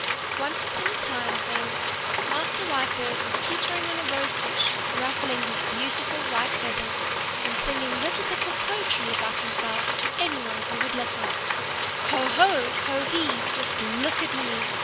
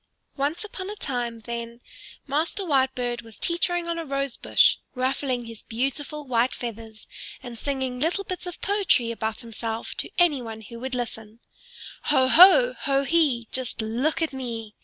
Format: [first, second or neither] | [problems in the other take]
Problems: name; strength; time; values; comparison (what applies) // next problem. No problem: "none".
second | background sound (Frying (food)); 4 dB above the speech